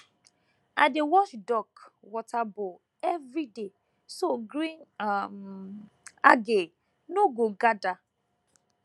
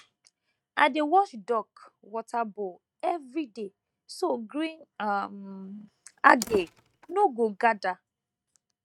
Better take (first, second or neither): first